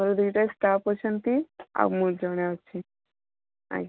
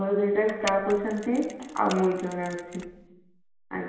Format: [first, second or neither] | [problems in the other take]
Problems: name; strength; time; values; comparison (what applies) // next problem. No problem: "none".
first | background sound (Mechanisms); 16 dB below the speech // room echo; dies away in 1 s